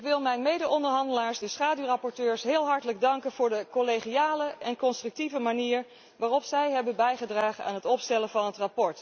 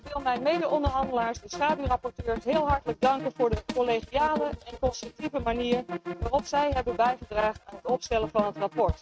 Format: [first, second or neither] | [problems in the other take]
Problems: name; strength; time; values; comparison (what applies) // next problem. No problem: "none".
first | noise reduction (neural mask model RNNoise)